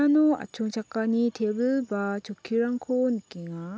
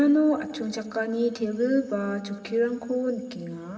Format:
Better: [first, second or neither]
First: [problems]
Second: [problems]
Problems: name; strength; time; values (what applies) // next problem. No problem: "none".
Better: first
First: none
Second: room echo; dies away in 2.1 s